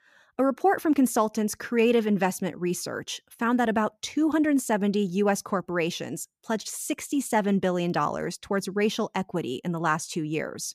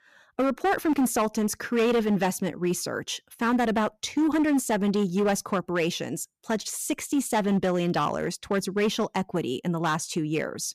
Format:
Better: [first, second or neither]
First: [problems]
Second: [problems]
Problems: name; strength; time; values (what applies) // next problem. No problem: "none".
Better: first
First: none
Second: distortion; slight; 9% of the sound clipped